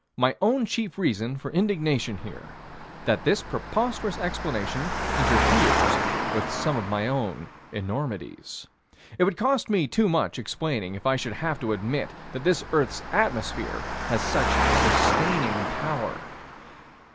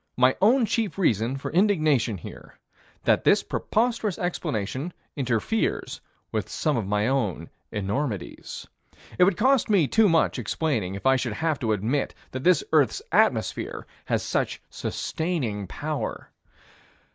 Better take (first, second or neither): second